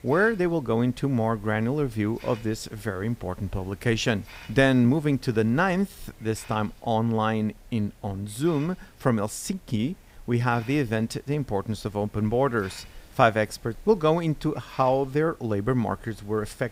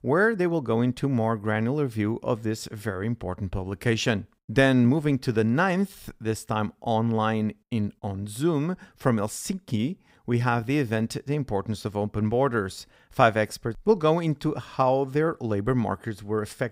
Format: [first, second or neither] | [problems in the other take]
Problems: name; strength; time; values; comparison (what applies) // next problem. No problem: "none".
second | hiss; faint; throughout; 25 dB below the speech